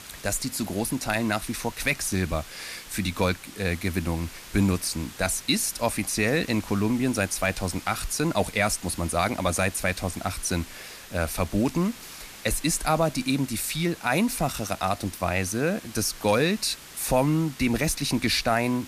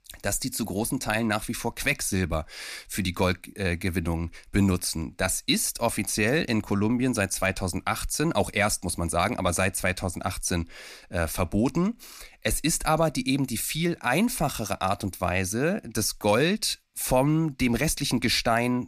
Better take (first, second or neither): second